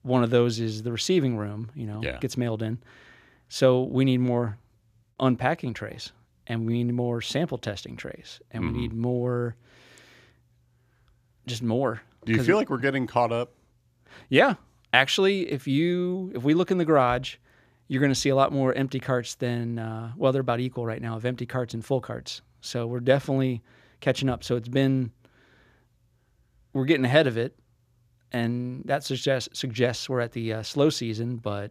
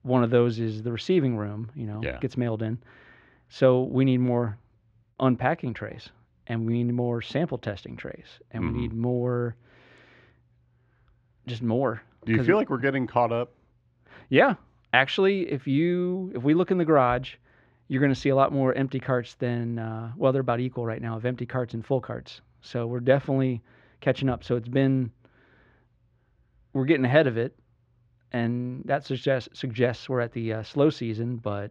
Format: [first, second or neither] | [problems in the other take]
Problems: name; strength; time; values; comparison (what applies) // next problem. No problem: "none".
first | muffled; slightly; fading above 2.5 kHz